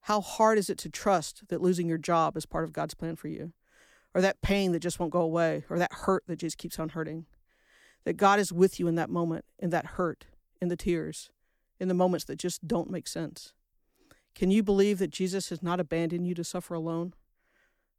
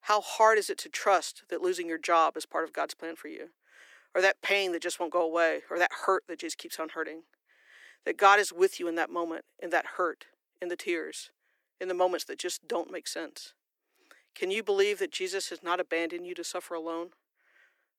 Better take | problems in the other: first | thin; very; fading below 350 Hz

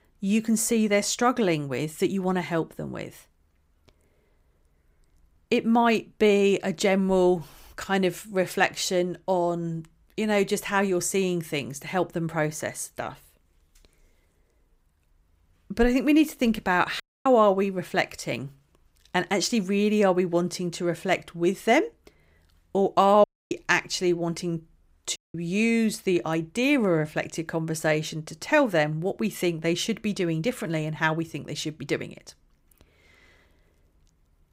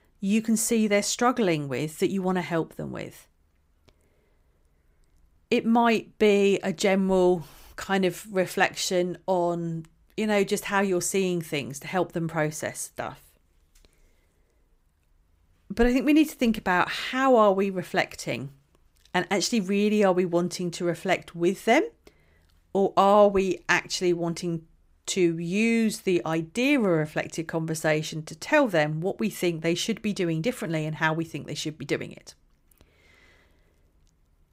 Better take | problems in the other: second | audio cutting out; at 17 s, at 23 s and at 25 s

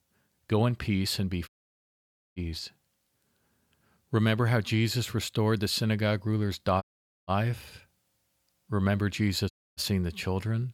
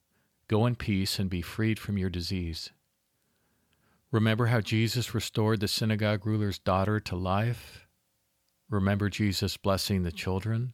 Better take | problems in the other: second | audio cutting out; at 1.5 s for 1 s, at 7 s and at 9.5 s

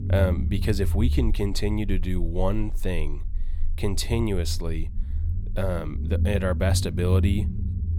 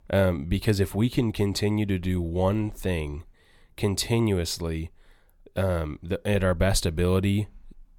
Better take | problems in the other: second | low rumble; noticeable; throughout; 15 dB below the speech

